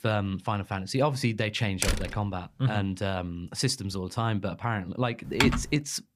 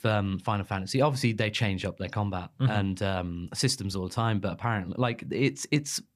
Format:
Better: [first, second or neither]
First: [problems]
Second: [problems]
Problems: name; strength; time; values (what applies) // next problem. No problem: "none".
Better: second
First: door banging; loud; at 2 s; peak level with the speech // keyboard typing; loud; at 5.5 s; peak 4 dB above the speech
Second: none